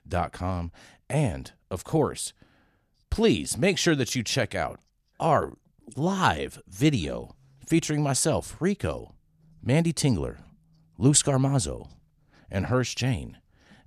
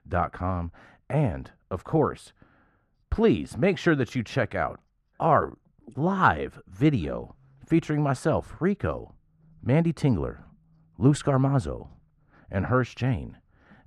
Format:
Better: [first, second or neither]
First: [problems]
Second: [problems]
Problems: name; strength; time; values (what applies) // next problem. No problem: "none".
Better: first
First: none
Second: muffled; very; fading above 3 kHz